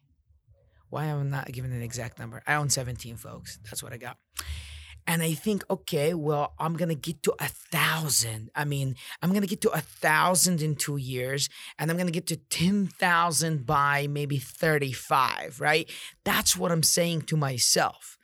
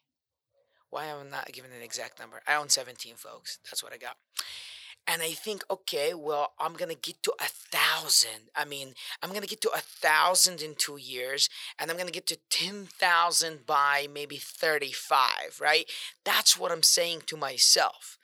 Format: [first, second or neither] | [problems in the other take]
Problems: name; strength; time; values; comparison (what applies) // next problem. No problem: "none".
first | thin; very; fading below 550 Hz